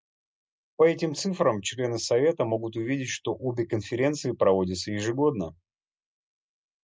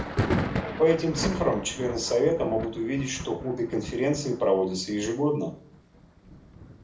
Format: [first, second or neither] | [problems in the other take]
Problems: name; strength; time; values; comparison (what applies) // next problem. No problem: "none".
first | background sound (Thunder); 7 dB below the speech // room echo; dies away in 0.4 s